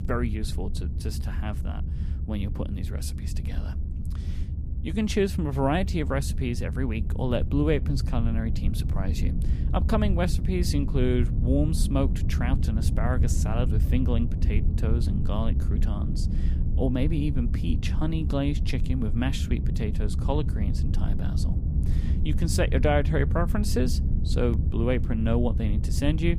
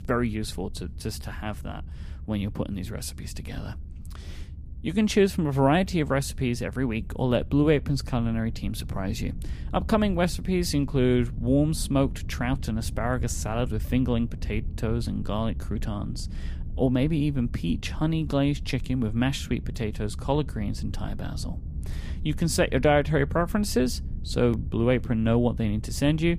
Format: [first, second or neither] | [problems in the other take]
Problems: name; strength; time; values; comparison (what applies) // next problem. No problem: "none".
second | low rumble; loud; throughout; 10 dB below the speech; faint in the second